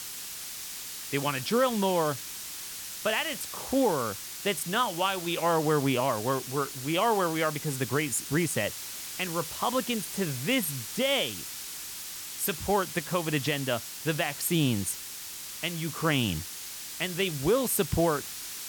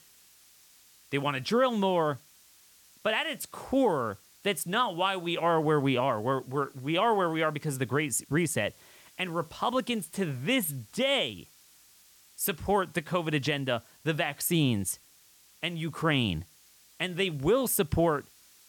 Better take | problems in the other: second | hiss; loud; throughout; 8 dB below the speech; faint in the second

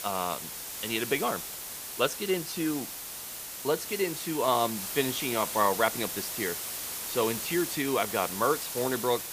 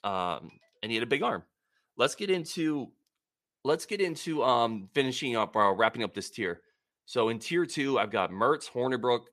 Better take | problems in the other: second | hiss; loud; throughout; 4 dB below the speech

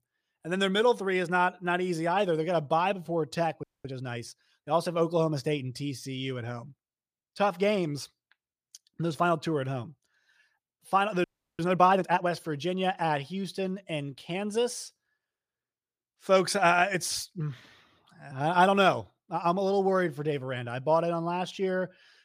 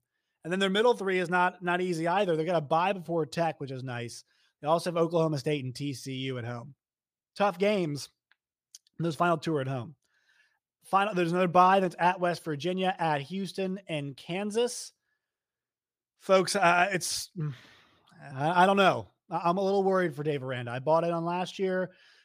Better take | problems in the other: second | audio freezing; at 3.5 s and at 11 s

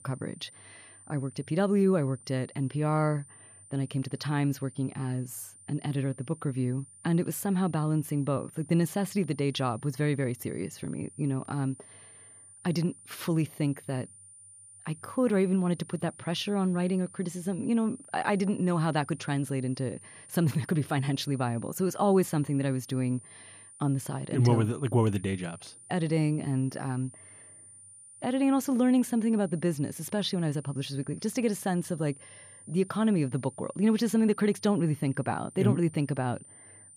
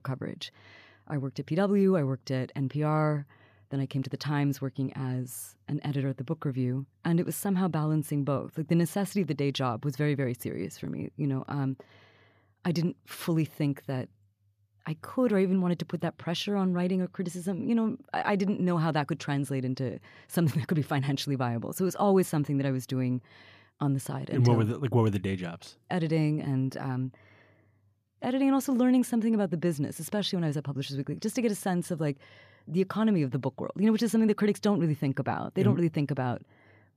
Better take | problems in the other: second | high-pitched whine; noticeable; throughout; 9 kHz, 20 dB below the speech

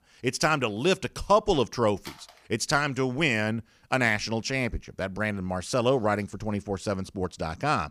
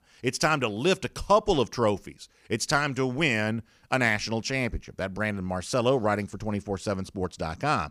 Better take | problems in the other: second | phone ringing; faint; at 2 s; peak 20 dB below the speech

